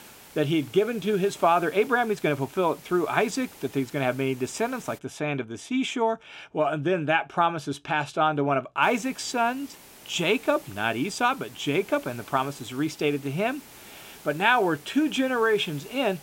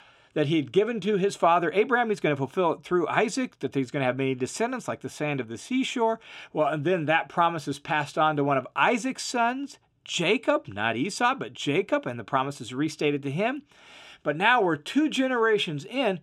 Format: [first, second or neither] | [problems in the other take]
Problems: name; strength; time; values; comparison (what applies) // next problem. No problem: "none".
second | hiss; faint; until 5 s and from 9 s on; 20 dB below the speech